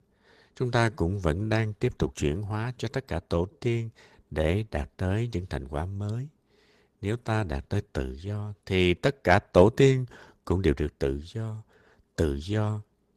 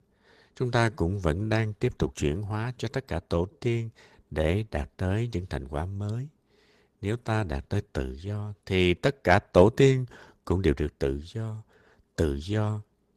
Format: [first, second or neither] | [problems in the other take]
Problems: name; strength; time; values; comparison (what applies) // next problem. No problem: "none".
neither | garbled, watery; slightly; nothing above 14.5 kHz; the same in both